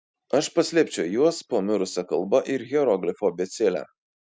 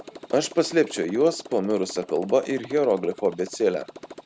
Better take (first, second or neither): first